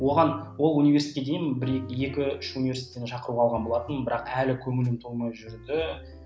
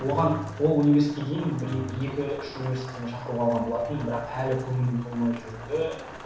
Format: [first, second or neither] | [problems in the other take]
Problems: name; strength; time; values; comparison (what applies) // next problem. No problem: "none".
first | background sound (Rain); 16 dB below the speech // room echo; dies away in 0.6 s